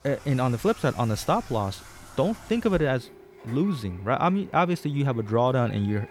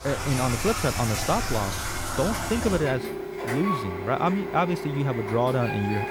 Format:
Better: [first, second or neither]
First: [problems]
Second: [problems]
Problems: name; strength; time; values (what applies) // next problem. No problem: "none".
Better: first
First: household noises; faint; throughout; 20 dB below the speech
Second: household noises; loud; throughout; 3 dB below the speech